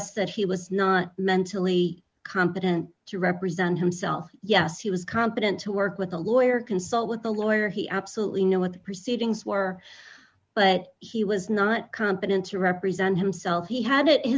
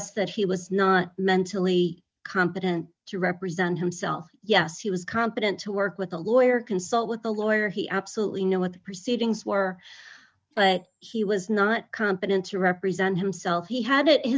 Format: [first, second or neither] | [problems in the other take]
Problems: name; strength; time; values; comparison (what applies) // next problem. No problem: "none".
first | noise reduction (neural mask model DeepFilterNet 3)